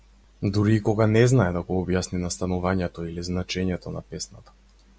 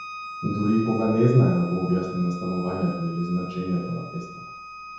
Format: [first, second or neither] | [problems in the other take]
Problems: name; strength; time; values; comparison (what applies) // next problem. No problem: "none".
first | background sound (Bowed string instrument); 13 dB below the speech // room echo; dies away in 0.9 s